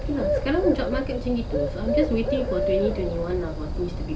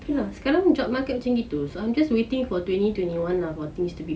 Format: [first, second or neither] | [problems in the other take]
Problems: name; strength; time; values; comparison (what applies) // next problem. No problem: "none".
second | background sound (Bird); as loud as the speech